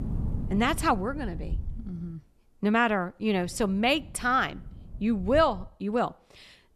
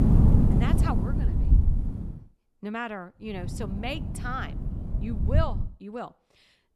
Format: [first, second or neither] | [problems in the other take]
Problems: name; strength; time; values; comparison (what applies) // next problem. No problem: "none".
first | wind noise on the microphone; heavy; until 2 s and from 3.5 to 5.5 s; 3 dB below the speech; occasional gusts in the first